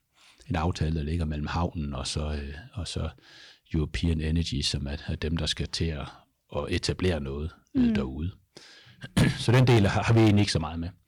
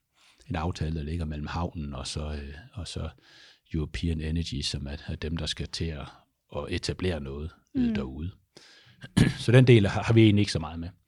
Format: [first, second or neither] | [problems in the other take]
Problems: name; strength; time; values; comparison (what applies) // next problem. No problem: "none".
second | distortion; heavy; 3% of the sound clipped